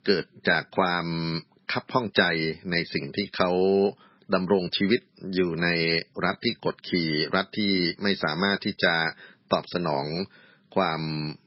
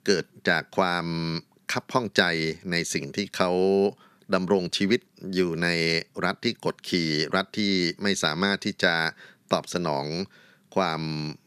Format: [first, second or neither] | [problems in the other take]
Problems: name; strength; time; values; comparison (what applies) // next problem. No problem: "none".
second | garbled, watery; badly; nothing above 5 kHz